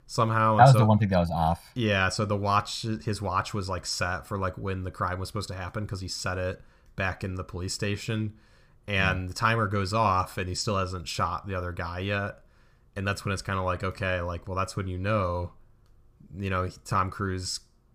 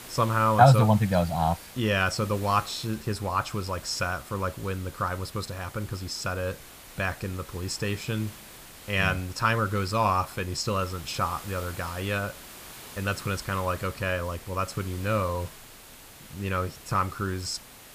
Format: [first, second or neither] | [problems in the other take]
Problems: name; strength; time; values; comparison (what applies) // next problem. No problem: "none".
first | hiss; noticeable; throughout; 15 dB below the speech